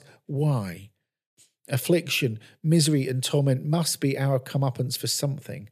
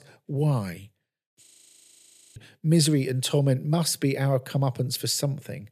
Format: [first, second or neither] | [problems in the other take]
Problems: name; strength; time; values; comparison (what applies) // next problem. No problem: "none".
first | audio freezing; at 1.5 s for 1 s